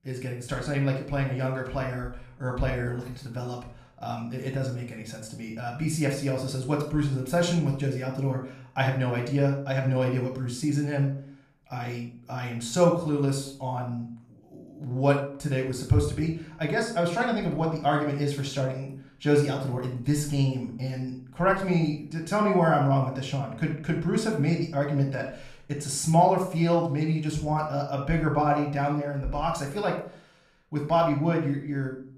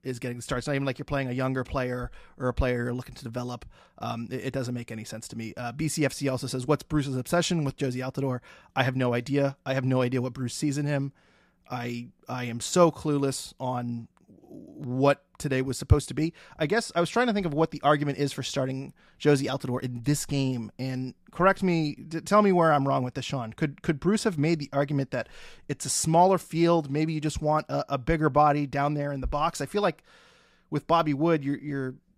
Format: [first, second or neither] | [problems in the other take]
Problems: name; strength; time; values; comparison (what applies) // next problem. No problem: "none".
second | off-mic speech; somewhat distant // room echo; noticeable; dies away in 0.4 s